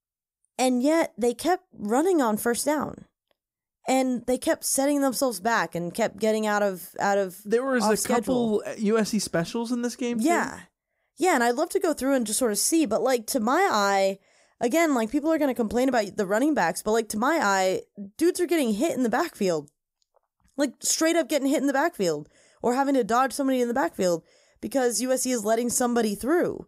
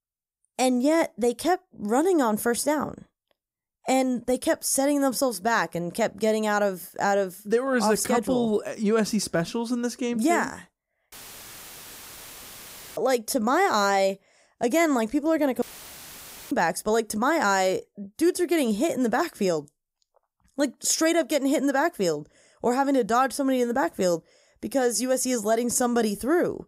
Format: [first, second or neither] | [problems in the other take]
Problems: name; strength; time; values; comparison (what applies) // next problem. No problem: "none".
first | audio cutting out; filled with static; at 11 s for 2 s and at 16 s for 1 s